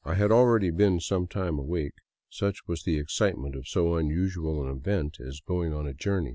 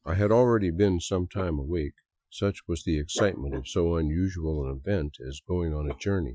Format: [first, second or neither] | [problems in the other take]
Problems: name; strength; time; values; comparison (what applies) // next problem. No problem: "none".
first | noise reduction (classical method Wiener filter)